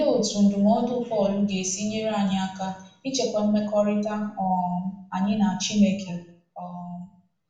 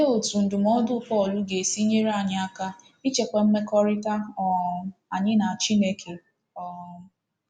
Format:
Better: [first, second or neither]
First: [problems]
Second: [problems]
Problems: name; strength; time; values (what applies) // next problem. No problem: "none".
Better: second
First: room echo; dies away in 0.5 s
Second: none